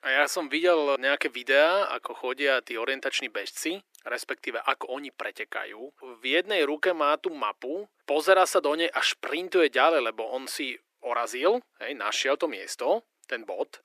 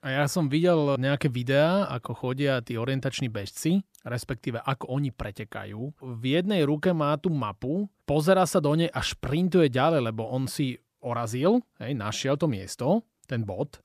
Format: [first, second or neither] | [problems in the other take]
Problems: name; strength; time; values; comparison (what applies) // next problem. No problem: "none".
second | thin; very; fading below 350 Hz